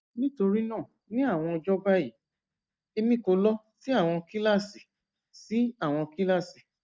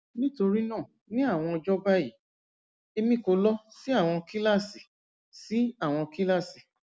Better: second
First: noise reduction (neural mask model DeepFilterNet 3)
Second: none

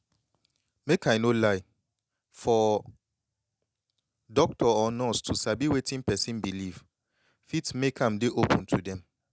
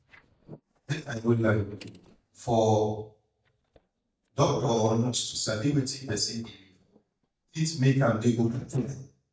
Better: first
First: none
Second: noise reduction (neural mask model DeepFilterNet 3)

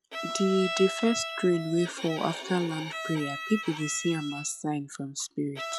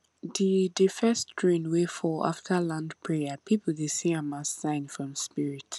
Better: second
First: noise reduction (classical method log-MMSE)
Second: none

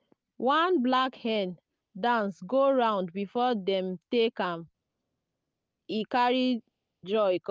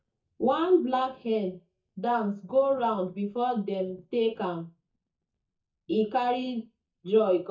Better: first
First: none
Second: noise reduction (neural mask model DeepFilterNet 3)

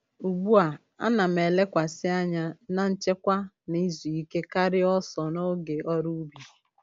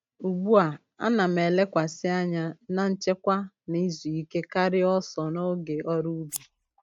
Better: first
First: none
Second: noise reduction (neural mask model RNNoise)

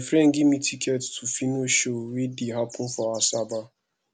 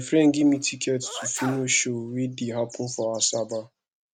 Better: first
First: none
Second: noise reduction (neural mask model RNNoise)

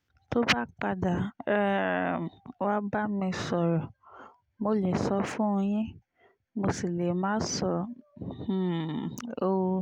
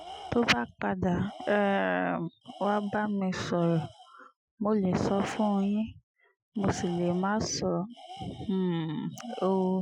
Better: first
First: none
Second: noise reduction (classical method Wiener filter)

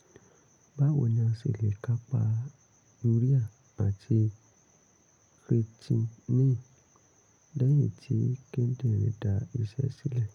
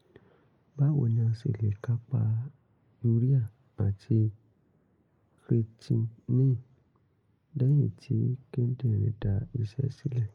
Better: first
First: none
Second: noise reduction (neural mask model Resemble Enhance denoiser)

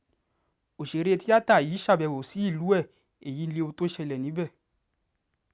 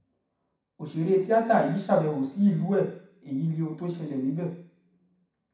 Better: first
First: none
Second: room echo; dies away in 0.6 s

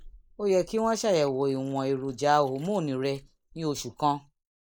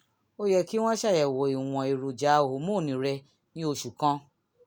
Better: second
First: noise reduction (neural mask model Resemble Enhance denoiser)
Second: none

